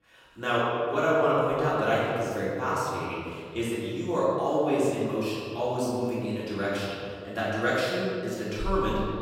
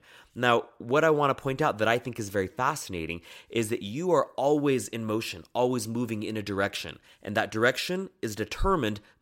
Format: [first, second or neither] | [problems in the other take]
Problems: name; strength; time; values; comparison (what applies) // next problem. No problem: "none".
second | off-mic speech; far // room echo; strong; dies away in 2 s